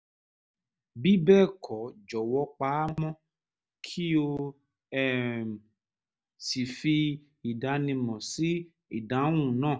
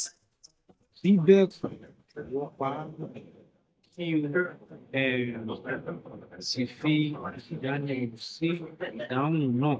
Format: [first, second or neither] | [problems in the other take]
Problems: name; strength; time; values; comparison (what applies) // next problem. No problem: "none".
first | noise reduction (neural mask model DeepFilterNet 3)